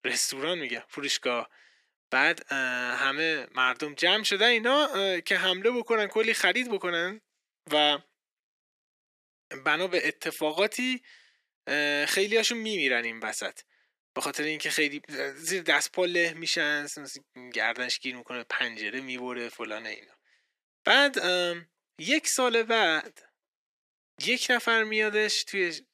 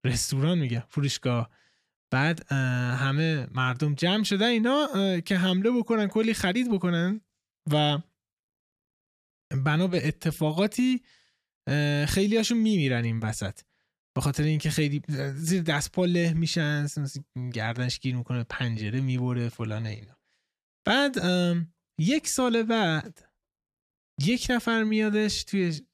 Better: second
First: thin; very; fading below 350 Hz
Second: none

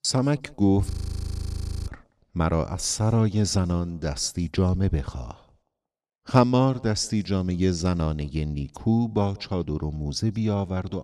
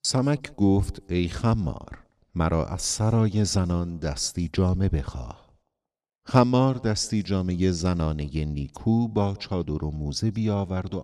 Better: second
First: audio freezing; at 1 s for 1 s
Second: none

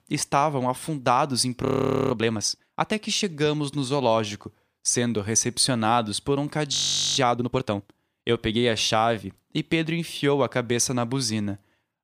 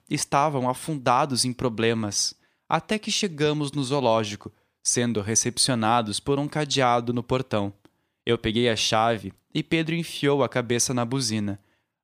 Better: second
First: audio freezing; at 1.5 s and at 6.5 s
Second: none

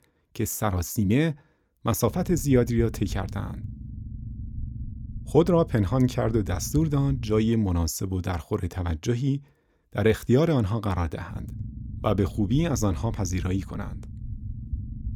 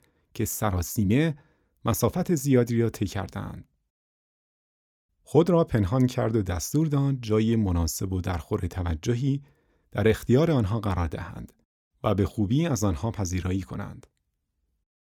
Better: second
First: low rumble; faint; from 2 to 7.5 s and from 11 s on; 20 dB below the speech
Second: none

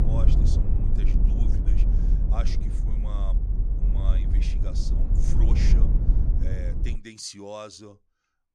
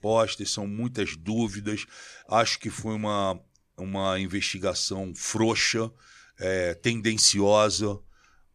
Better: second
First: low rumble; loud; until 7 s; 1 dB below the speech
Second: none

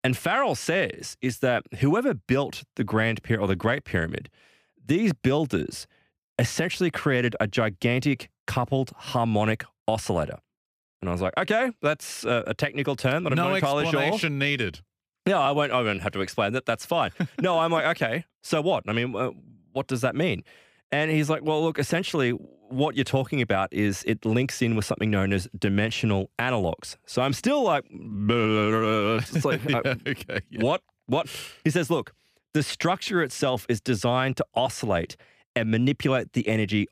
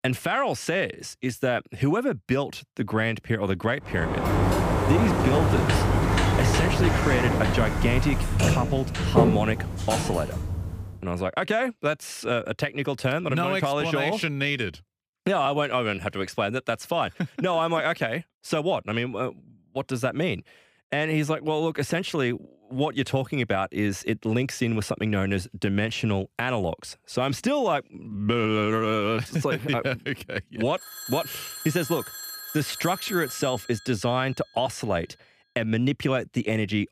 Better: first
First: none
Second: door banging; loud; from 4 to 11 s; peak 6 dB above the speech // phone ringing; noticeable; from 31 to 35 s; peak 8 dB below the speech

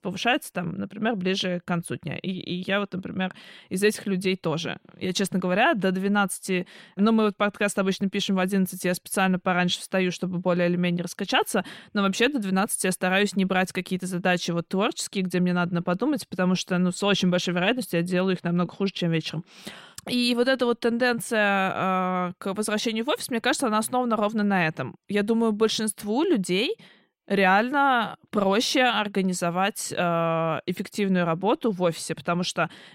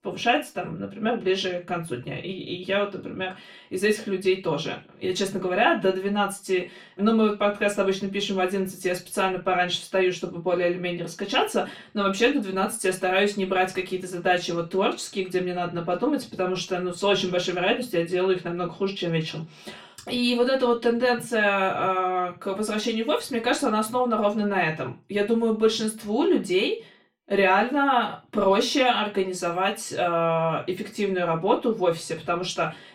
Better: first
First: none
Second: room echo; very slight; dies away in 0.3 s // off-mic speech; far

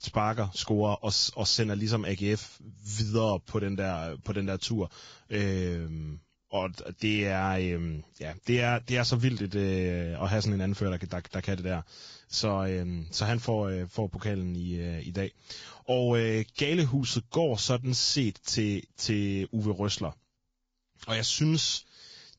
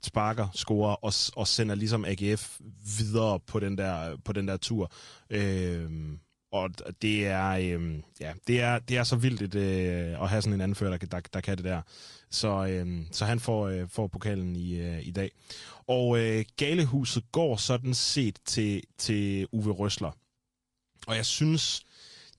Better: second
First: garbled, watery; badly; nothing above 7.5 kHz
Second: garbled, watery; slightly; nothing above 10.5 kHz

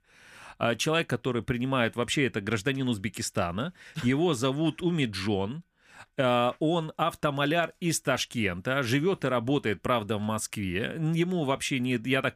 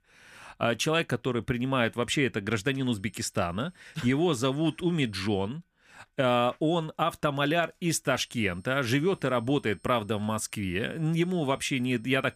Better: first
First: none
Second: high-pitched whine; faint; from 2.5 to 5.5 s and from 8 s on; 8.5 kHz, 35 dB below the speech

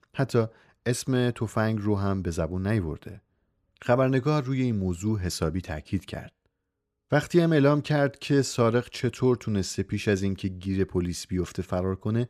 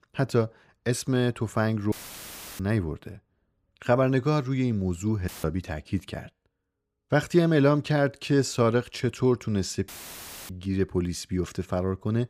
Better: first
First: none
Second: audio cutting out; filled with static; at 2 s for 0.5 s, at 5.5 s and at 10 s for 0.5 s

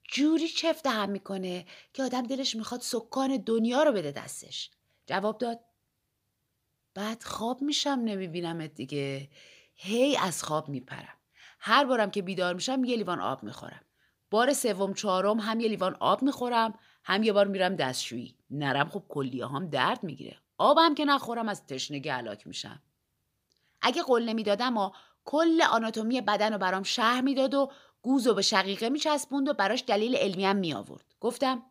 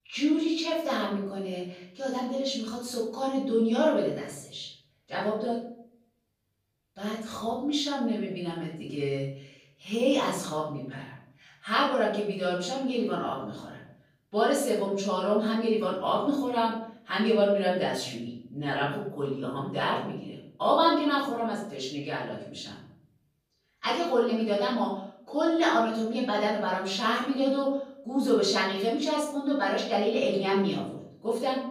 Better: first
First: none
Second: off-mic speech; far // room echo; noticeable; dies away in 0.6 s

